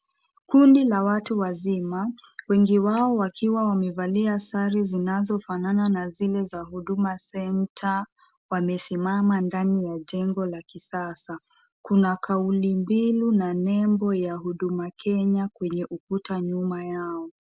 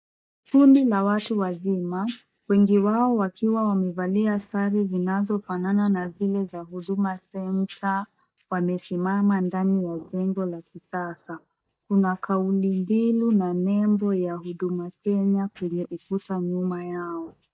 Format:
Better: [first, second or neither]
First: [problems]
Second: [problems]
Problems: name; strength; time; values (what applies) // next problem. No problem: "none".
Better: first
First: none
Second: noise reduction (neural mask model DeepFilterNet 3)